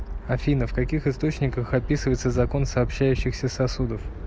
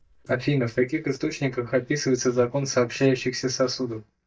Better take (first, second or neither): first